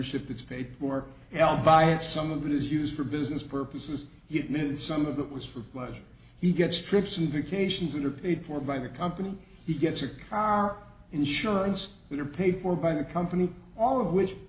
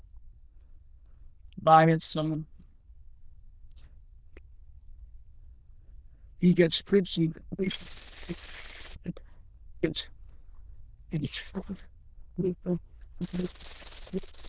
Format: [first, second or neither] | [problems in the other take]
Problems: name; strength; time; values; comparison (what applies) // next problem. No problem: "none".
first | noise reduction (neural diffusion model UNIVERSE++)